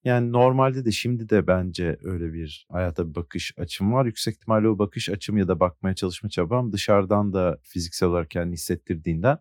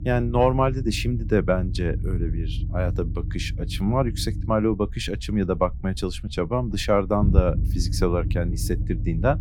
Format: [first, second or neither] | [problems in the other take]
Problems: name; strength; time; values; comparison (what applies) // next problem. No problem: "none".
first | low rumble; noticeable; throughout; 15 dB below the speech